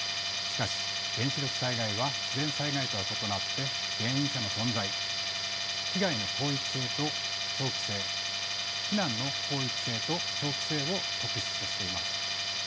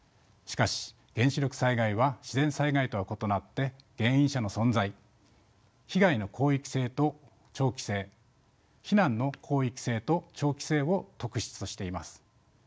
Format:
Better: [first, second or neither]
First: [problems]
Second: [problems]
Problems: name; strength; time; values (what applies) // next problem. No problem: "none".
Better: second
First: background sound (Tools); 3 dB above the speech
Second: none